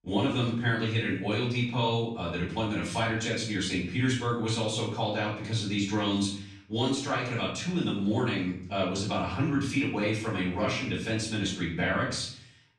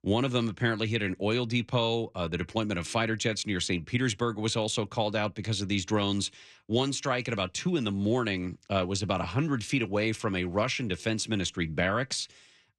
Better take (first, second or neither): second